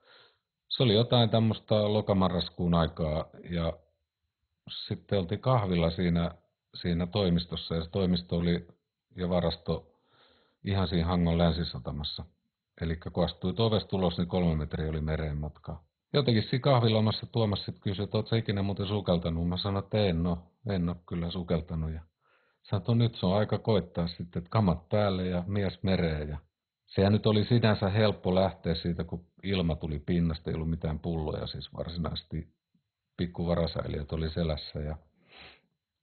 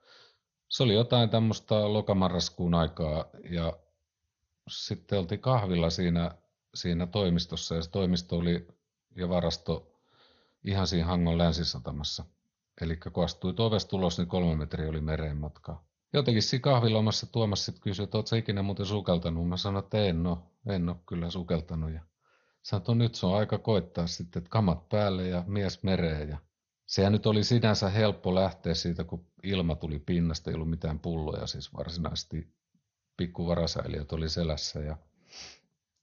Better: second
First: garbled, watery; badly; nothing above 4 kHz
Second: garbled, watery; slightly; nothing above 6.5 kHz

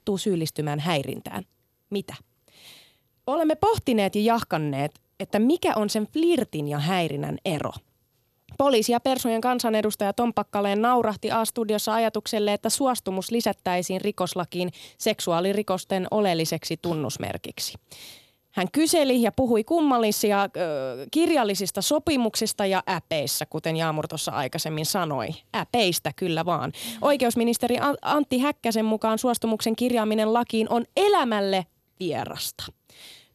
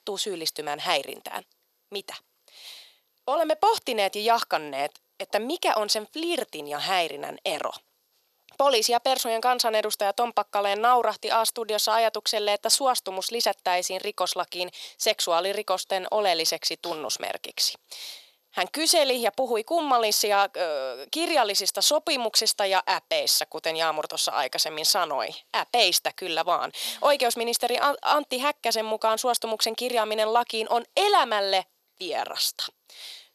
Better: first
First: none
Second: thin; very; fading below 650 Hz

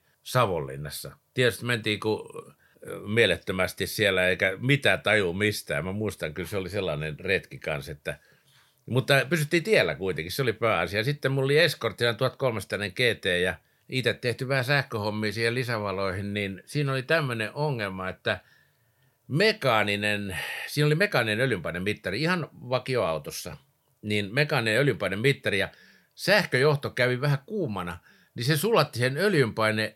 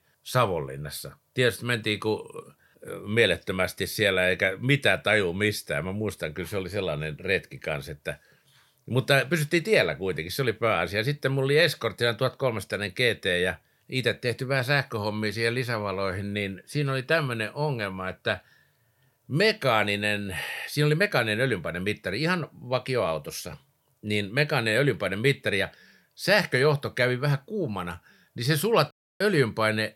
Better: first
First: none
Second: audio cutting out; at 29 s

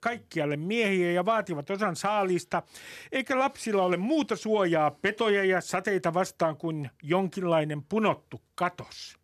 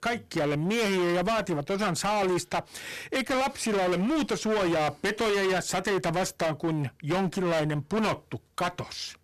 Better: first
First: none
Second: distortion; heavy; 28% of the sound clipped

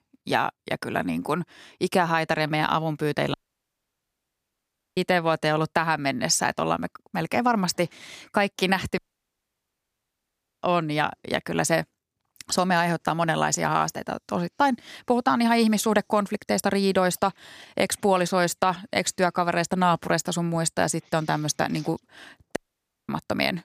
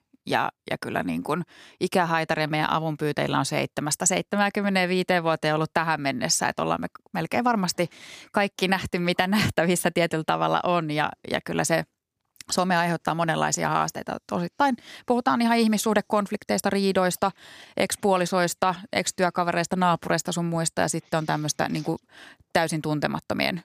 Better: second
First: audio cutting out; at 3.5 s for 1.5 s, at 9 s for 1.5 s and at 23 s for 0.5 s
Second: none

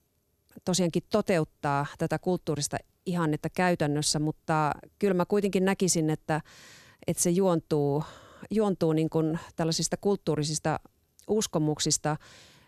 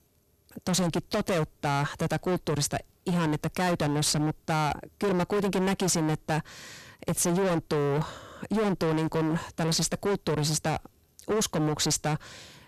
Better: first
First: none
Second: distortion; heavy; 23% of the sound clipped

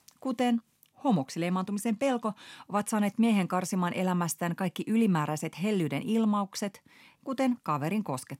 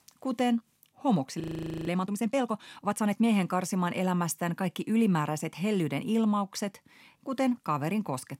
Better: first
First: none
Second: audio freezing; at 1.5 s

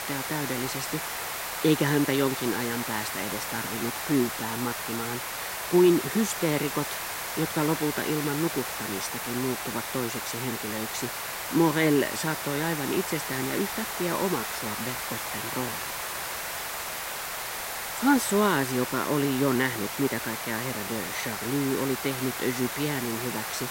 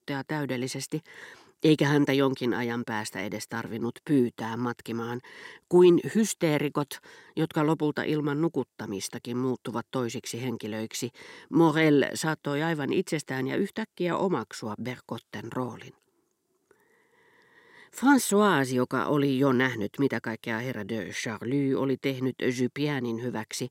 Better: second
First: hiss; loud; throughout; 3 dB below the speech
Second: none

